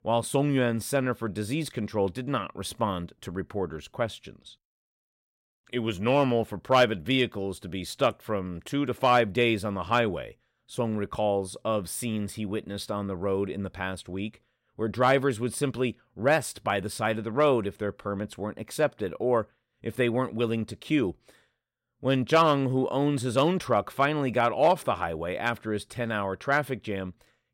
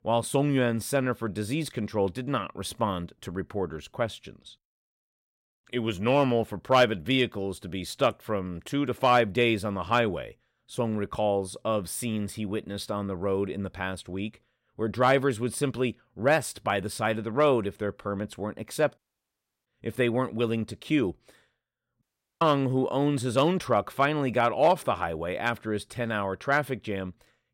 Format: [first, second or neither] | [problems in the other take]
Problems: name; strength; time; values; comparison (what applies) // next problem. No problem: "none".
first | audio cutting out; at 19 s for 0.5 s and at 22 s